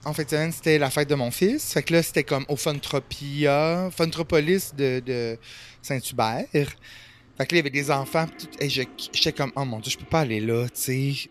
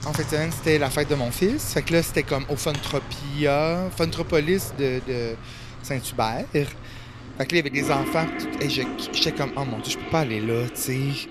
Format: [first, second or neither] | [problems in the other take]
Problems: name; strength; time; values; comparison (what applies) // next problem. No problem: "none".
first | household noises; loud; throughout; 9 dB below the speech; faint in the first